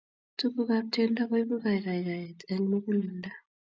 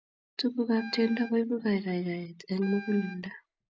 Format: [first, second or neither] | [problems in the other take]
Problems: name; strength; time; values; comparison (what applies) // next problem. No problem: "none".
first | background sound (Wind instrument, woodwind instrument); 17 dB below the speech